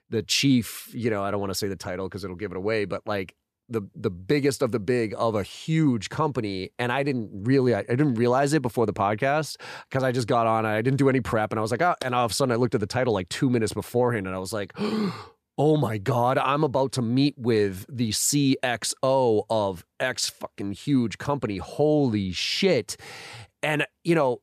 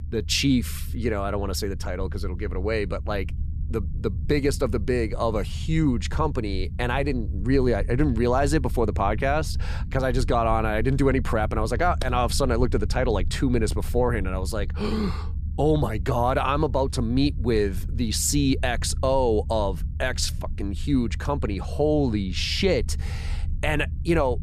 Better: first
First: none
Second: low rumble; faint; throughout; 20 dB below the speech

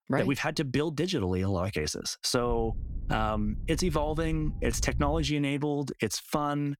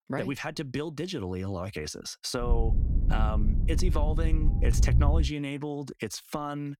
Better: first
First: low rumble; faint; from 2.5 to 5 s; 25 dB below the speech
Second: low rumble; loud; from 2.5 to 5 s; 9 dB below the speech

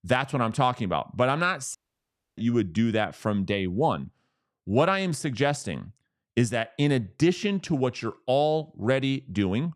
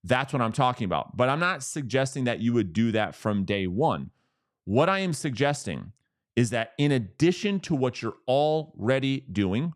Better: second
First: audio cutting out; at 2 s for 0.5 s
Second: none

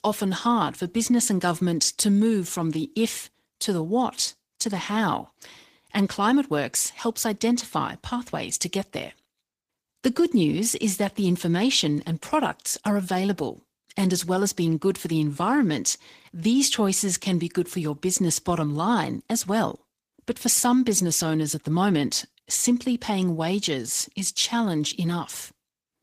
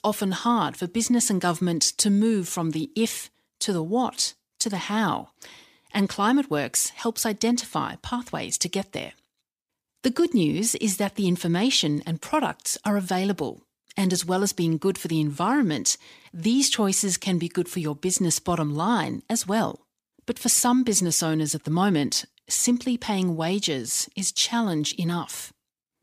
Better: second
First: garbled, watery; slightly; nothing above 15 kHz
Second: none

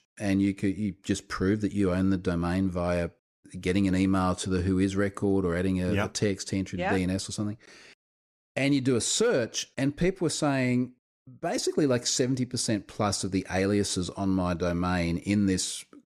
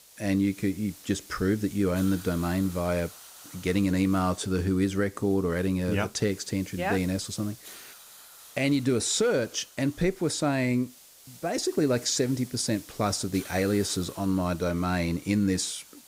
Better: first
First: none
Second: hiss; noticeable; throughout; 20 dB below the speech

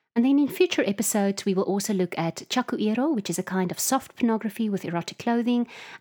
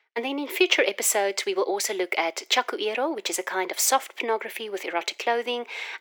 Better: first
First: none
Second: thin; very; fading below 400 Hz

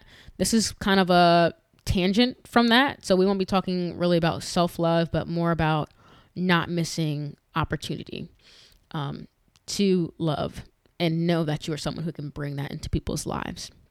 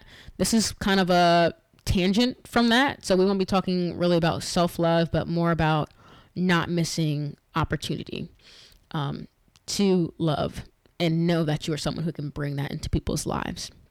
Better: first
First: none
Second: distortion; slight; 10 dB below the speech

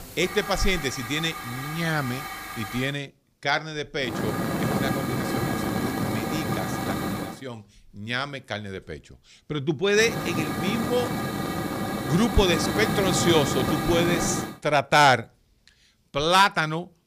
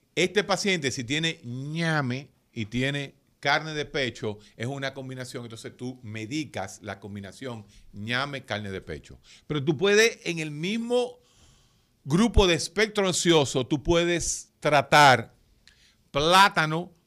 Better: second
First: hiss; loud; until 3 s, from 4 to 7.5 s and from 10 to 14 s; 4 dB below the speech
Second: none

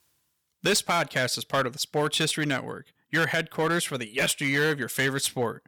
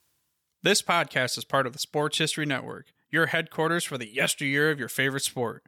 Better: second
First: distortion; slight; 5% of the sound clipped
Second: none

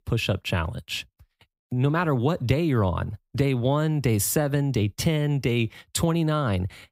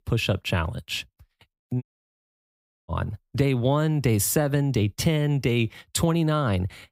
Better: first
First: none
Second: audio cutting out; at 2 s for 1 s

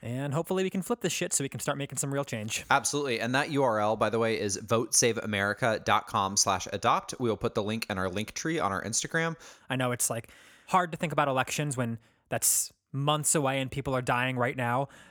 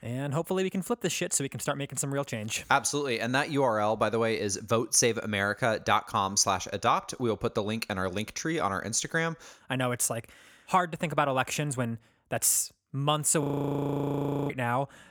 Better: first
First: none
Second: audio freezing; at 13 s for 1 s

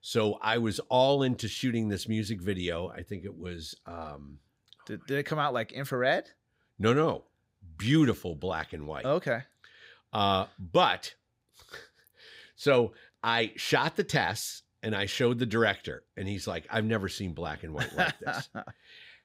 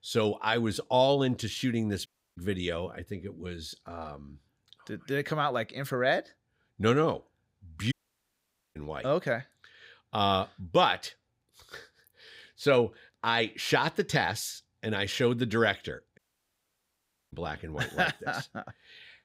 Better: first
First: none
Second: audio cutting out; at 2 s, at 8 s for 1 s and at 16 s for 1 s

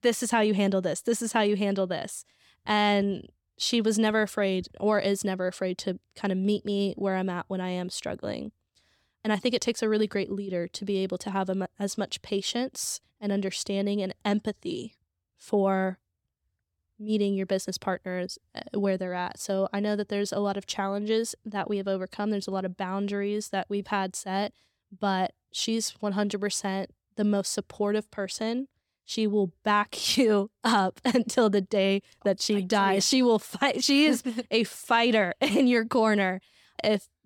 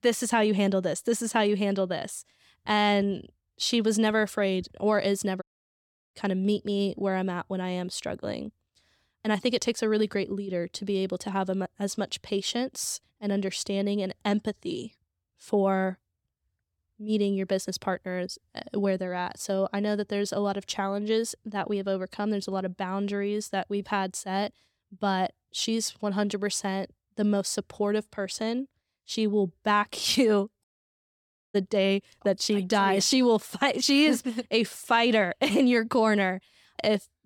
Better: first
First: none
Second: audio cutting out; at 5.5 s for 0.5 s and at 31 s for 1 s

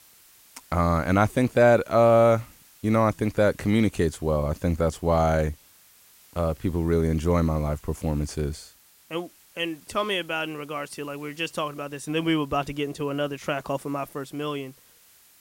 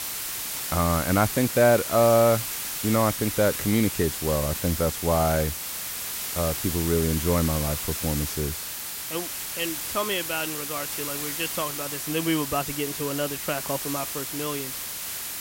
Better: first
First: hiss; faint; throughout; 25 dB below the speech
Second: hiss; loud; throughout; 4 dB below the speech

